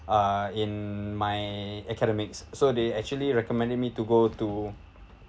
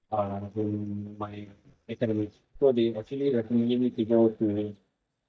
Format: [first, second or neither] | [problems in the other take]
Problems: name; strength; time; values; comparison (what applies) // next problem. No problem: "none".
first | noise reduction (neural mask model DeepFilterNet 3)